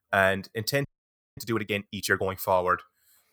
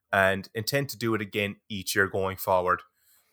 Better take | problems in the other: second | audio freezing; at 1 s for 0.5 s

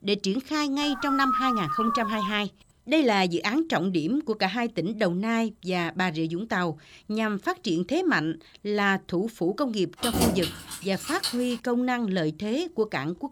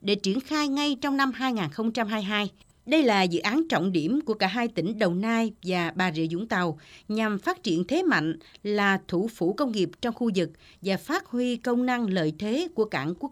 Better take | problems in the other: second | dog barking; loud; from 1 to 2.5 s; peak 1 dB above the speech // jangling keys; loud; from 10 to 12 s; peak 1 dB above the speech

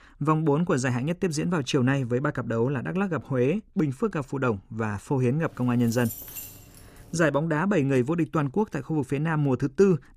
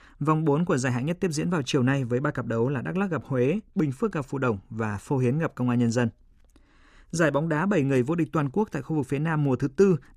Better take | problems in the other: second | jangling keys; noticeable; from 5.5 to 7.5 s; peak 10 dB below the speech

